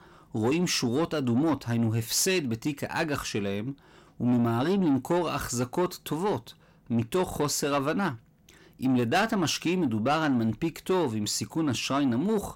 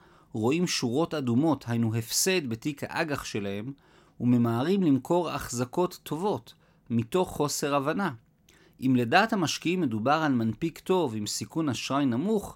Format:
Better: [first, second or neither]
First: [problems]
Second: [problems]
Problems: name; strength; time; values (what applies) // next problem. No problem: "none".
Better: second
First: distortion; slight; 10 dB below the speech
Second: none